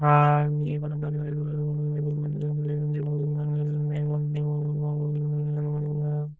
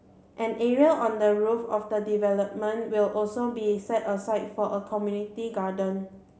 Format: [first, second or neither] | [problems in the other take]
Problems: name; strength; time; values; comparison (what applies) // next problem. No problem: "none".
second | noise reduction (neural diffusion model UNIVERSE++)